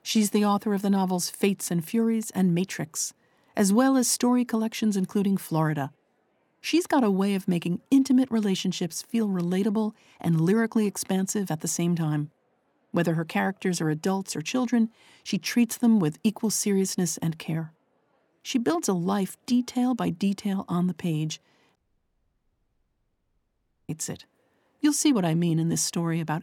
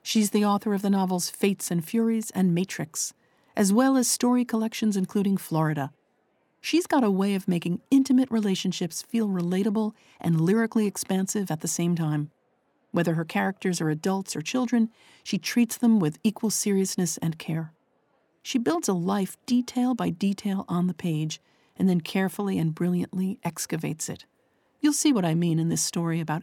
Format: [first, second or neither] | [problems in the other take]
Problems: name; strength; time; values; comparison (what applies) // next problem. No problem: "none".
second | audio cutting out; at 22 s for 2 s